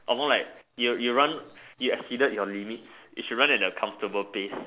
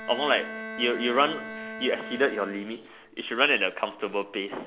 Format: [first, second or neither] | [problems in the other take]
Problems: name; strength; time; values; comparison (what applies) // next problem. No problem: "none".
first | background sound (Bowed string instrument); 12 dB below the speech